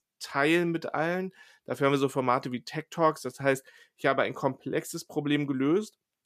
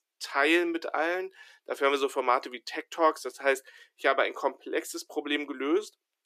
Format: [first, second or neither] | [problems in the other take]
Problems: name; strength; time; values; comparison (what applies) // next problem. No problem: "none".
first | thin; somewhat; fading below 350 Hz